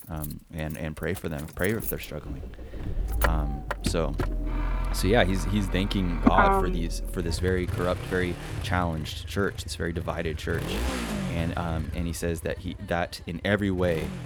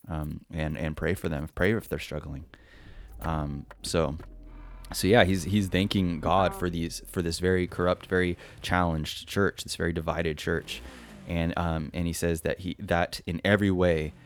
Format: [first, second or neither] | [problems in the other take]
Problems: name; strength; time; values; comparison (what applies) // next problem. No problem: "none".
second | traffic noise; loud; throughout; 2 dB below the speech; faint in the second